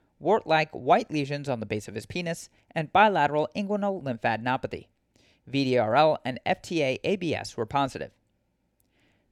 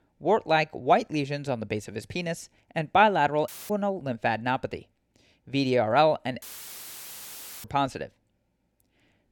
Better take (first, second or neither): first